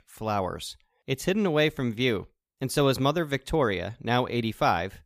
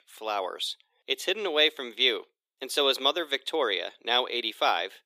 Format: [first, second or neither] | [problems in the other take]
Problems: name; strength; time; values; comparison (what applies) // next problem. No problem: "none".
first | thin; very; fading below 350 Hz